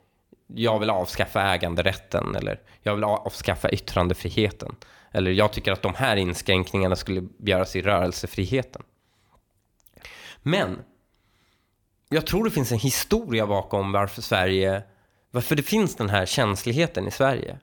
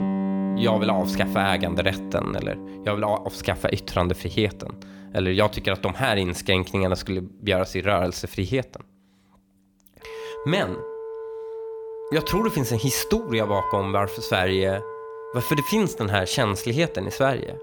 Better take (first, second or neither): first